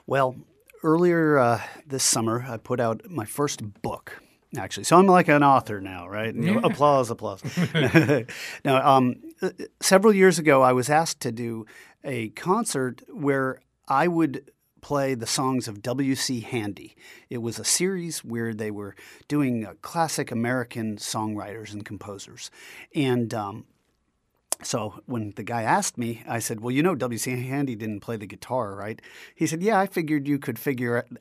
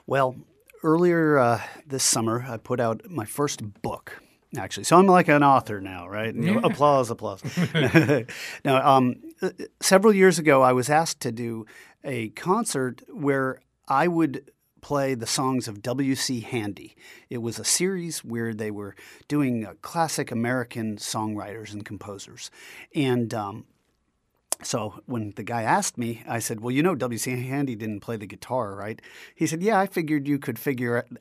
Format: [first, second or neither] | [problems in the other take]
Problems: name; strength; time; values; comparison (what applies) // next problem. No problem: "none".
neither | none